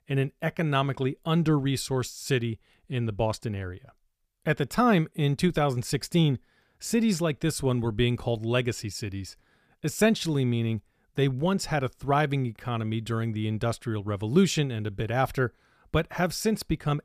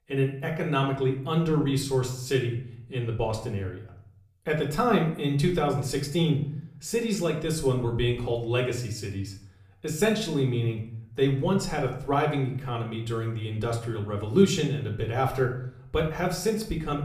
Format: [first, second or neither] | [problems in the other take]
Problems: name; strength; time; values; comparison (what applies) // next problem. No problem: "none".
first | room echo; slight; dies away in 0.5 s // off-mic speech; somewhat distant